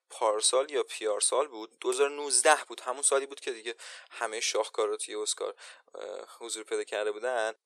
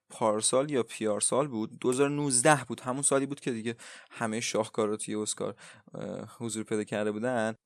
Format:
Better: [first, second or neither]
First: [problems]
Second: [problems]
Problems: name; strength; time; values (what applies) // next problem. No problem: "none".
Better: second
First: thin; very; fading below 400 Hz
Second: none